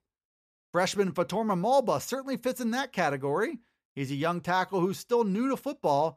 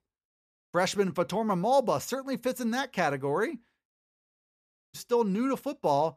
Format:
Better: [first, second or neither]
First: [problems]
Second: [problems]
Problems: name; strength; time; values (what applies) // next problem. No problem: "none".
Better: first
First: none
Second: audio cutting out; at 4 s for 1 s